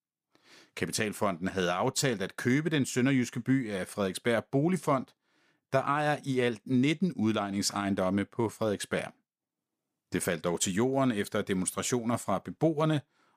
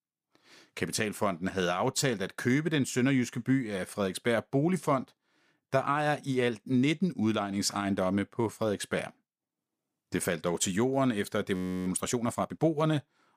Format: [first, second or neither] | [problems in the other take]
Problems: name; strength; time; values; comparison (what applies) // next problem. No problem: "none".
first | audio freezing; at 12 s